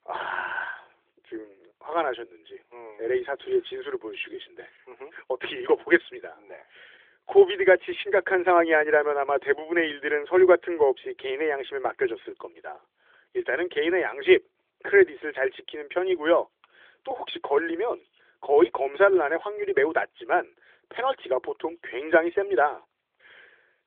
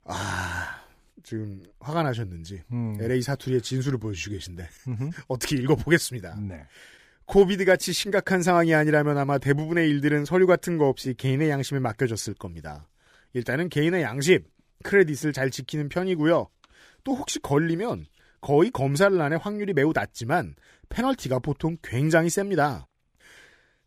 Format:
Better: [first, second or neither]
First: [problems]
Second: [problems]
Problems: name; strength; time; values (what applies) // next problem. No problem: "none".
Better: second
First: phone-call audio; nothing above 3.5 kHz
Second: none